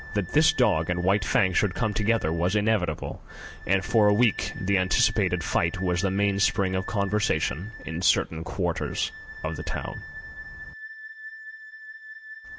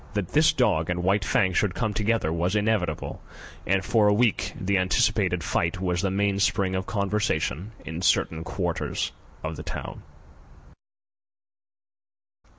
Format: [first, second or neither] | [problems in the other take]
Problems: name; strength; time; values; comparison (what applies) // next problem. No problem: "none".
second | background sound (Wind instrument, woodwind instrument); 15 dB below the speech